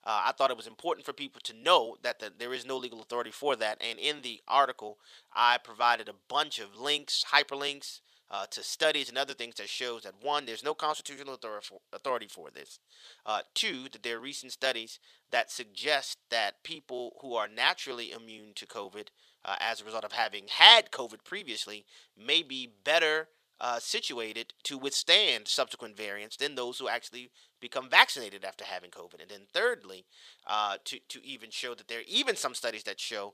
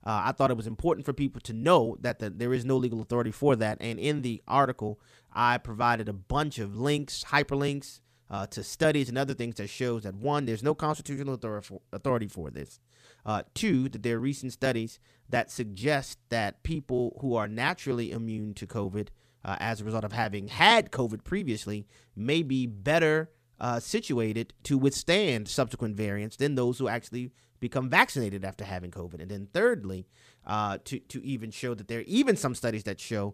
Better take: second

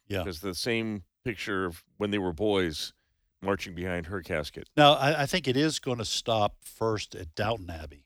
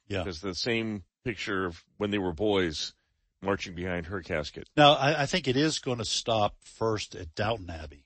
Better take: first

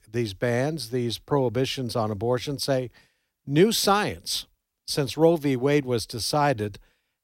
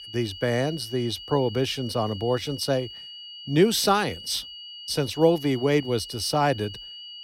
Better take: first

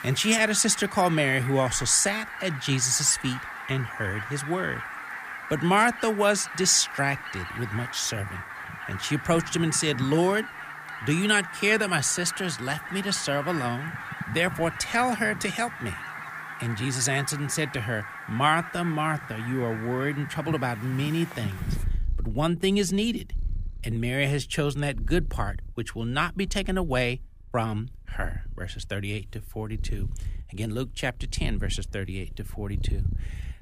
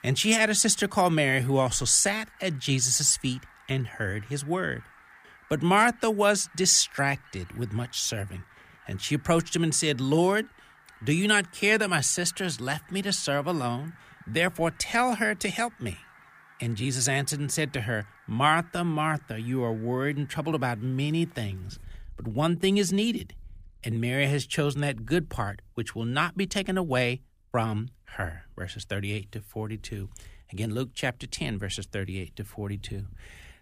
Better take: second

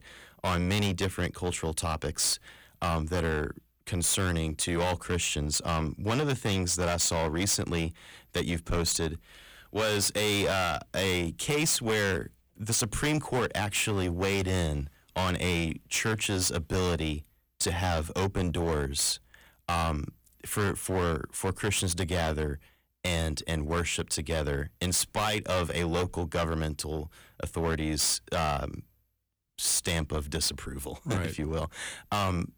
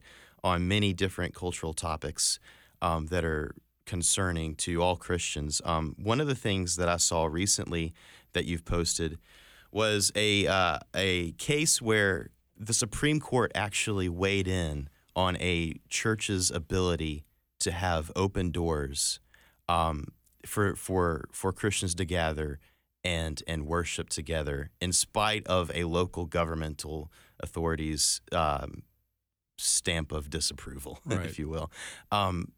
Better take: second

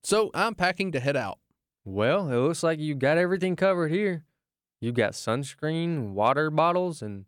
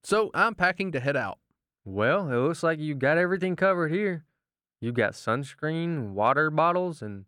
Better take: first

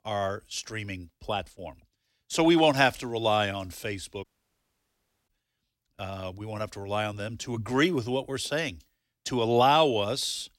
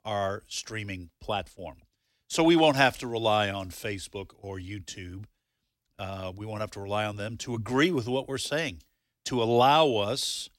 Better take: second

